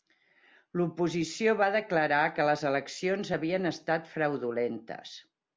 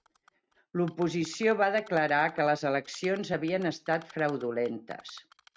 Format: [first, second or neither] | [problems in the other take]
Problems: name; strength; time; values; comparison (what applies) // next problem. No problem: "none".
first | noise reduction (neural mask model RNNoise)